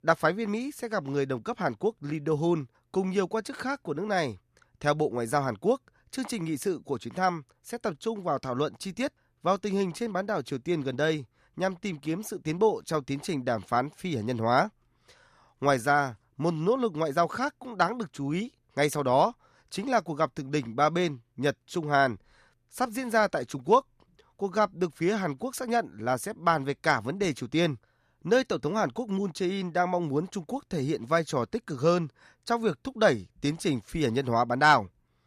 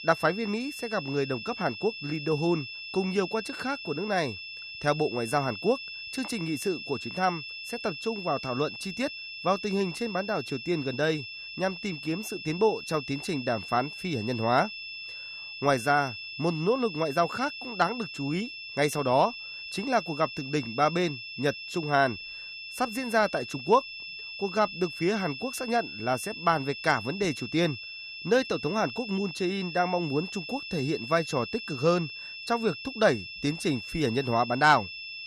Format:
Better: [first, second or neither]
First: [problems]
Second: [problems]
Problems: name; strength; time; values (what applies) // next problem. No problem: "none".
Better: first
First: none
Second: high-pitched whine; loud; throughout; 2.5 kHz, 9 dB below the speech